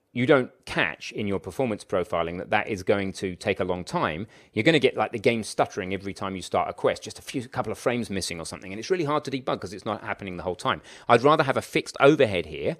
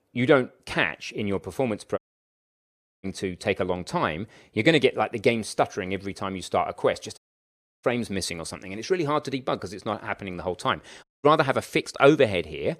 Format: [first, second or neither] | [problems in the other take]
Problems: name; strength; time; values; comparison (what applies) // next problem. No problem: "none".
first | audio cutting out; at 2 s for 1 s, at 7 s for 0.5 s and at 11 s